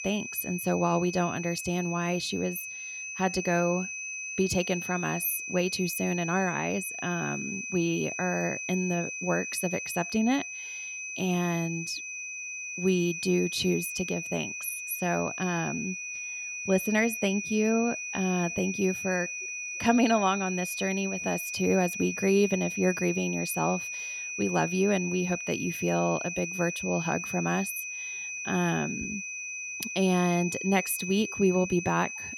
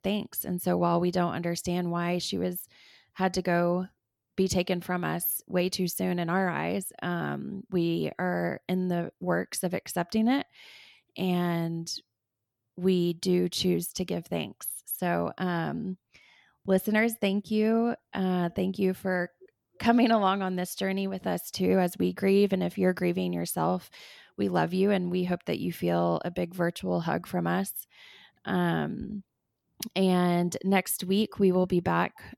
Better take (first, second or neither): second